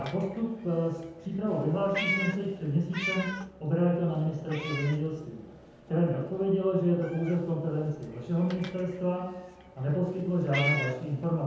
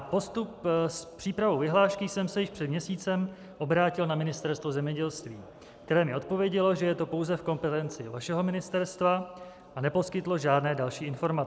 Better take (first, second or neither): second